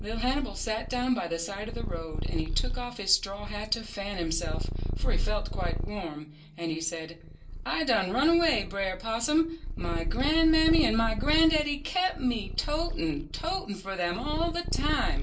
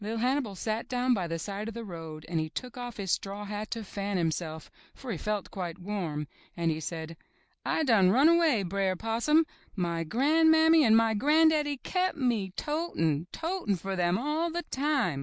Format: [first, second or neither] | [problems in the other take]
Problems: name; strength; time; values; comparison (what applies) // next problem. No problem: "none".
second | background sound (Purr); 2 dB below the speech // room echo; dies away in 0.2 s